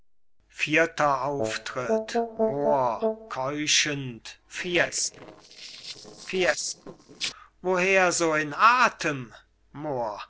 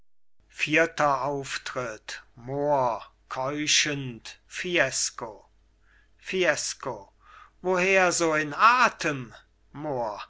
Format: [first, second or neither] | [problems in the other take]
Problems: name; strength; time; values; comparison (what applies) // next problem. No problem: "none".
second | noise reduction (neural separator model SepFormer DNS4)